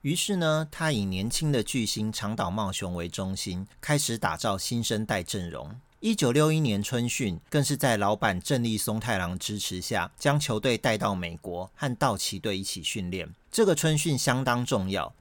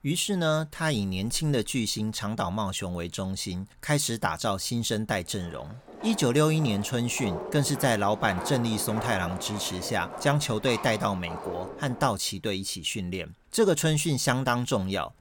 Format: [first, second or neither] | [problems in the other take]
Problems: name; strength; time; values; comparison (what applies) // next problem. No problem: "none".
first | footsteps; noticeable; from 5.5 to 12 s; peak 7 dB below the speech